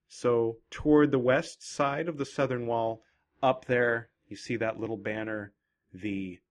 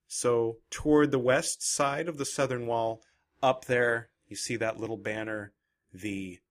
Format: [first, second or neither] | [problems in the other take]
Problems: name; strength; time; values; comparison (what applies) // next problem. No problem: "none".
second | muffled; slightly; fading above 3.5 kHz